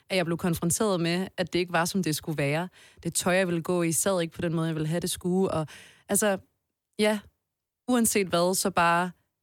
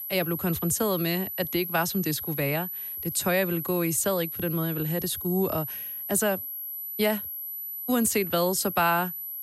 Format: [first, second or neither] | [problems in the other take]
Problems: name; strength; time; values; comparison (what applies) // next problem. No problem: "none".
first | high-pitched whine; loud; throughout; 12 kHz, 5 dB below the speech